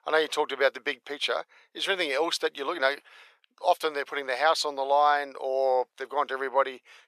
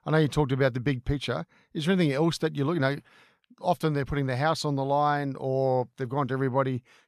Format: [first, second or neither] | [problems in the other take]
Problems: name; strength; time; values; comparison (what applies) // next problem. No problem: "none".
second | thin; very; fading below 450 Hz